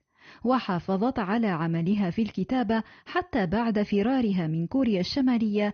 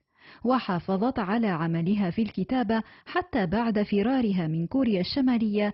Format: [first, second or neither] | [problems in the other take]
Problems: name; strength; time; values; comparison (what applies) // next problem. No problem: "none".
first | garbled, watery; badly; nothing above 5 kHz; slightly in the first